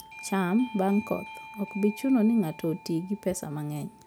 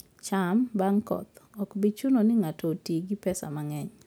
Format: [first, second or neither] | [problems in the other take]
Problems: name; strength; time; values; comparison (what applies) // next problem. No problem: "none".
second | background sound (Doorbell); 17 dB below the speech